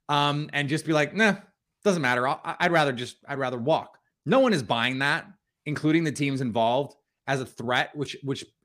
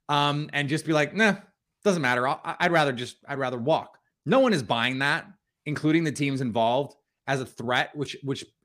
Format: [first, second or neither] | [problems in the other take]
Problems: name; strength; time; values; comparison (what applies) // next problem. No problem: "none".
neither | none